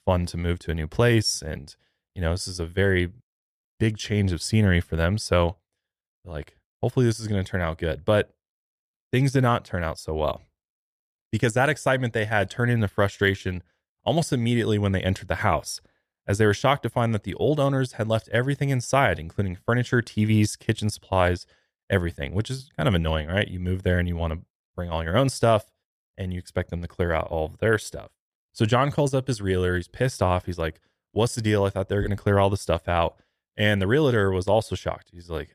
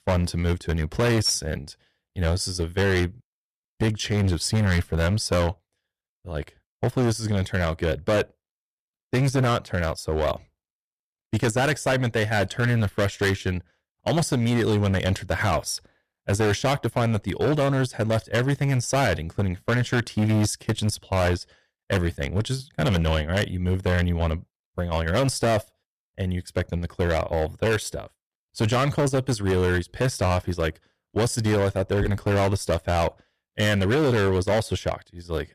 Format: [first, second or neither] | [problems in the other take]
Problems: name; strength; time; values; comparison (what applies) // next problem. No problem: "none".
first | distortion; heavy; 13% of the sound clipped